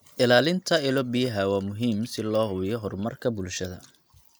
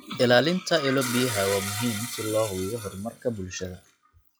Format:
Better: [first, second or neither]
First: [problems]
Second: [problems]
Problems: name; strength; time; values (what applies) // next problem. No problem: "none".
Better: first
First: none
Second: noise reduction (classical method log-MMSE)